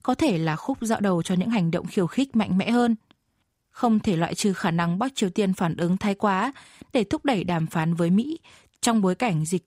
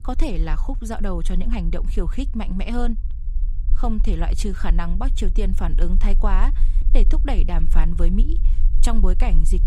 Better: first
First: none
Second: low rumble; noticeable; throughout; 15 dB below the speech

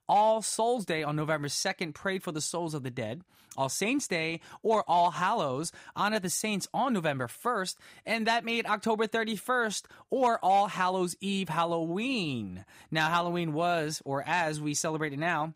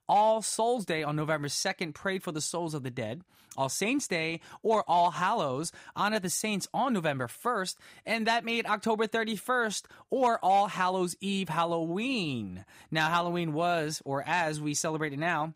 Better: neither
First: none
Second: none

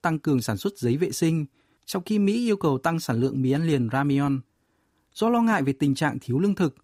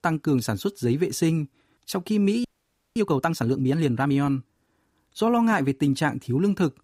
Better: first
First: none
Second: audio freezing; at 2.5 s for 0.5 s

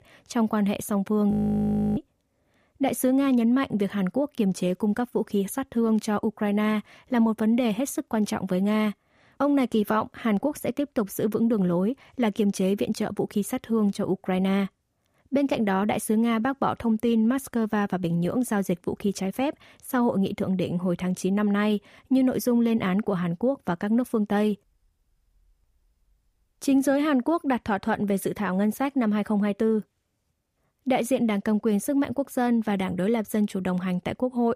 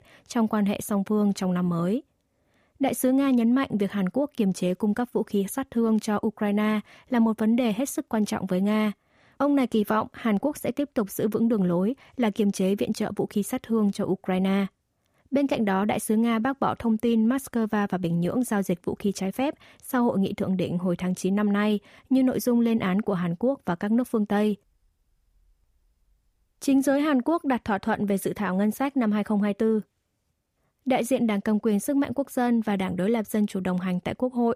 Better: second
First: audio freezing; at 1.5 s for 0.5 s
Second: none

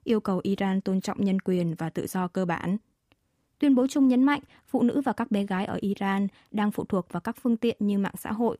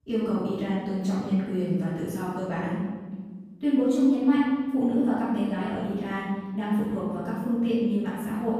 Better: first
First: none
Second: off-mic speech; far // room echo; strong; dies away in 1.3 s

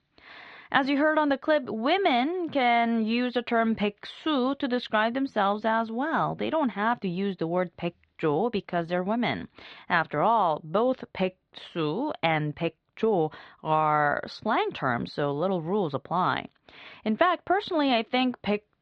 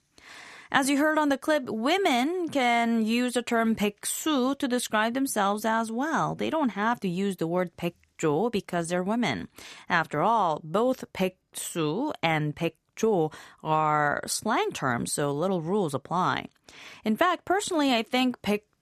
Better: second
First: muffled; slightly; fading above 4 kHz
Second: none

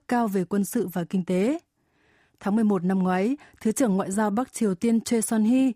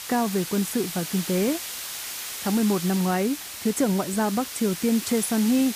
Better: first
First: none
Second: hiss; loud; throughout; 7 dB below the speech

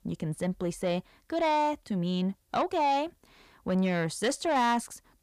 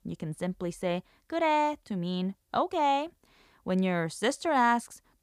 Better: second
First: distortion; slight; 10 dB below the speech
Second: none

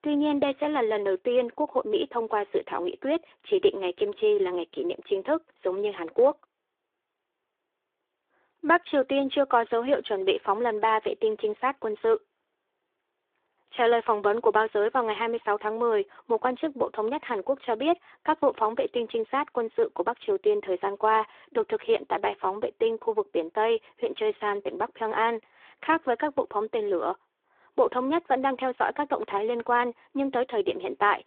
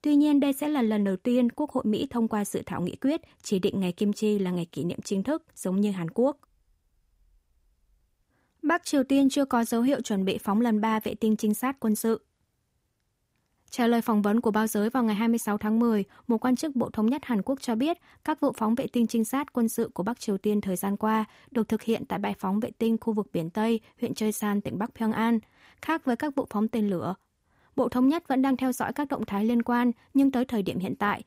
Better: second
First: phone-call audio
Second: none

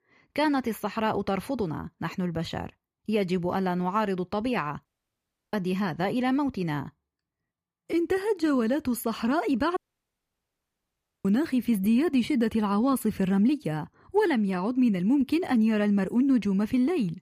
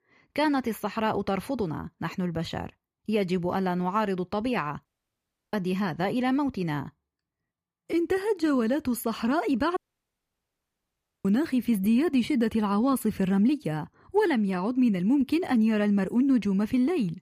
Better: neither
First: audio cutting out; at 5 s for 0.5 s and at 10 s for 1.5 s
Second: audio cutting out; at 5 s for 0.5 s and at 10 s for 1.5 s

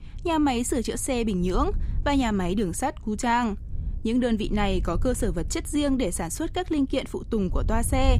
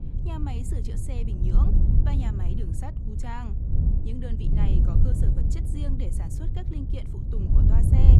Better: first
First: wind noise on the microphone; occasional gusts; 25 dB below the speech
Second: wind noise on the microphone; heavy; 2 dB above the speech

